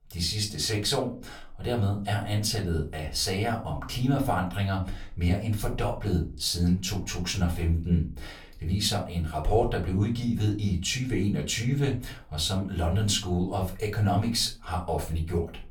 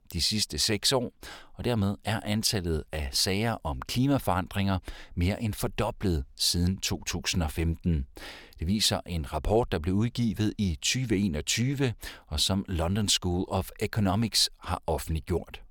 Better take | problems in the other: second | off-mic speech; far // room echo; very slight; dies away in 0.3 s

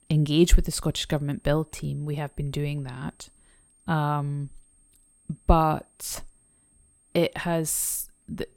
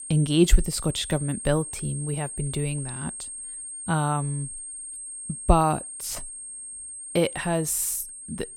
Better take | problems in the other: first | high-pitched whine; loud; throughout; 8.5 kHz, 8 dB below the speech; faint in the first

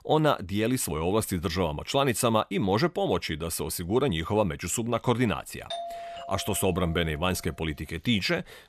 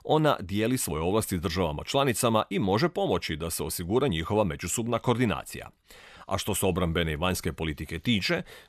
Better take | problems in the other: second | doorbell; noticeable; from 5.5 to 7 s; peak 8 dB below the speech

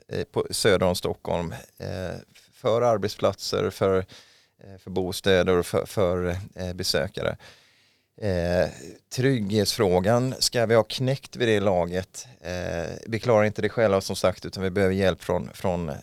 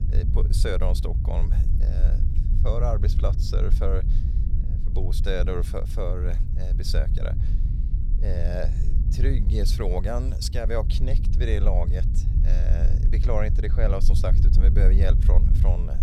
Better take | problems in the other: first | low rumble; loud; throughout; 9 dB below the speech

